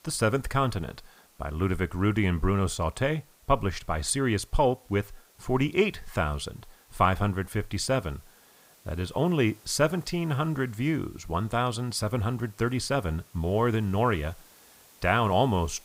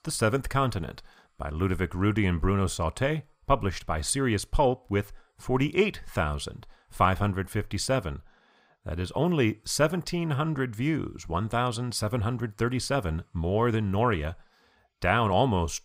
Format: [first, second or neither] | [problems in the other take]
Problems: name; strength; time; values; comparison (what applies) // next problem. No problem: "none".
second | hiss; faint; throughout; 30 dB below the speech